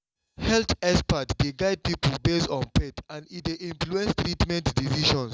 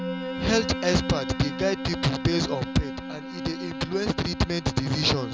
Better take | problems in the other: first | background sound (Musical instrument + Bowed string instrument); 7 dB below the speech

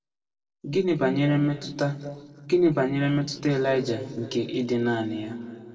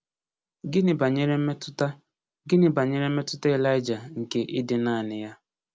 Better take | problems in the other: second | noise reduction (neural separator model SepFormer DNS4)

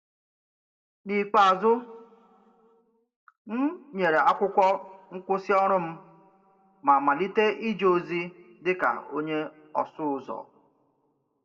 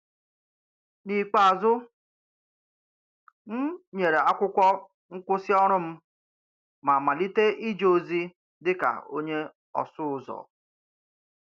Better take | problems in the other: second | room echo; dies away in 0.8 s

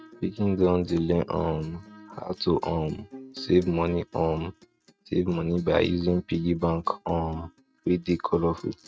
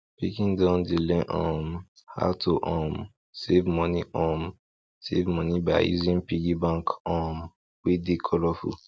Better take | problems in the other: second | noise reduction (neural mask model RNNoise)

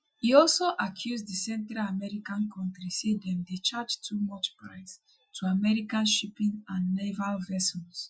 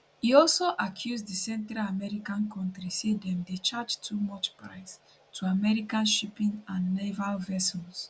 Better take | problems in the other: second | noise reduction (classical method Wiener filter)

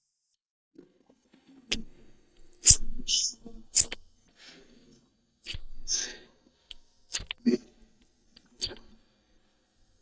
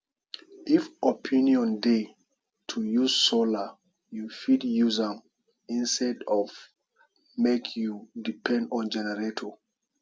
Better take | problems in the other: second | noise reduction (neural mask model DeepFilterNet 3)

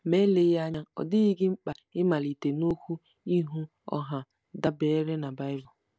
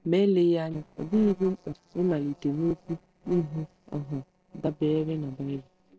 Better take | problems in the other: first | noise reduction (neural separator model SepFormer DNS4)

